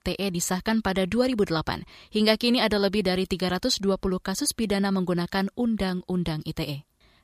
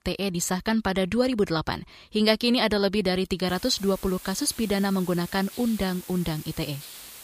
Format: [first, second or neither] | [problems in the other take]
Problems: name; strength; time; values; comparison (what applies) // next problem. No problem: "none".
first | hiss; noticeable; from 3.5 s on; 15 dB below the speech